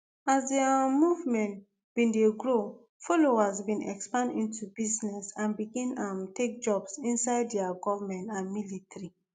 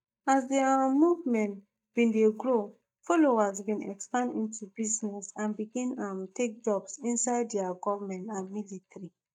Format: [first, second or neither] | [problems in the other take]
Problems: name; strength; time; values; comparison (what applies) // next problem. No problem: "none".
first | noise reduction (neural mask model DeepFilterNet 3)